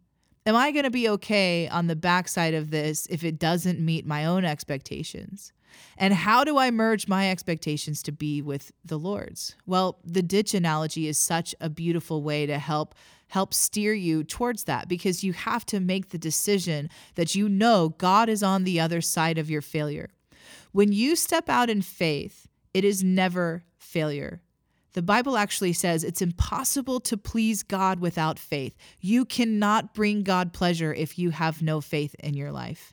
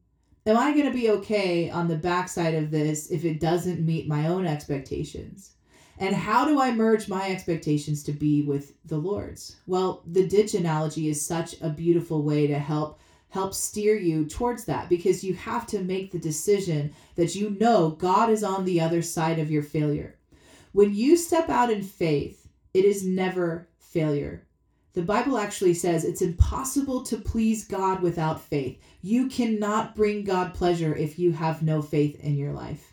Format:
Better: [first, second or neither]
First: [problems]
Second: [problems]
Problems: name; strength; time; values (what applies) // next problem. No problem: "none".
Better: first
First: none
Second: room echo; very slight; dies away in 0.3 s // off-mic speech; somewhat distant